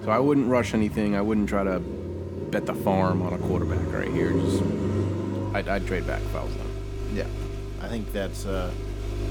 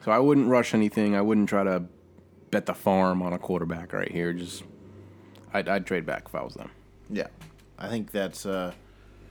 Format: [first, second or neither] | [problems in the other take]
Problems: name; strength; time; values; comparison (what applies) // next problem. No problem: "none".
second | traffic noise; loud; throughout; 3 dB below the speech; faint in the second